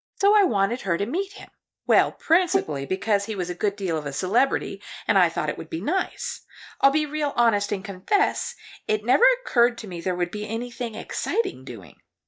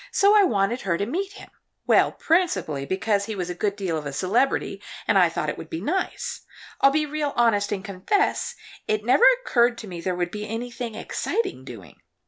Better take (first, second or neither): second